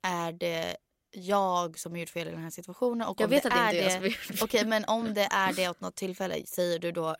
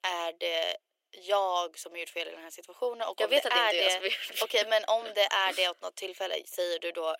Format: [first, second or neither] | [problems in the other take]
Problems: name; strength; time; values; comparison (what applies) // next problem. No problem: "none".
first | thin; very; fading below 350 Hz